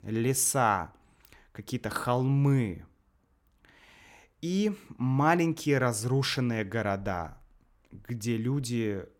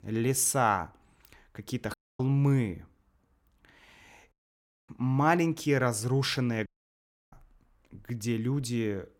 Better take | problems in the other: first | audio cutting out; at 2 s, at 4.5 s for 0.5 s and at 6.5 s for 0.5 s

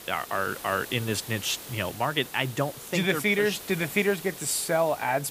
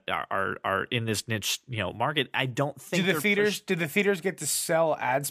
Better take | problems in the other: second | hiss; noticeable; throughout; 15 dB below the speech

